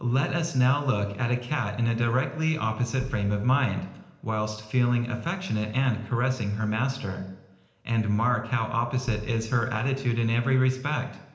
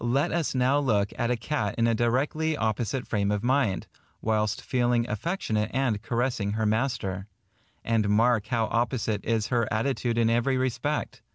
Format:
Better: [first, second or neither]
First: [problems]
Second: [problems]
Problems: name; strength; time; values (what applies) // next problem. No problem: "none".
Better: second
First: background sound (Bass drum); 14 dB below the speech // room echo; dies away in 0.9 s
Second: none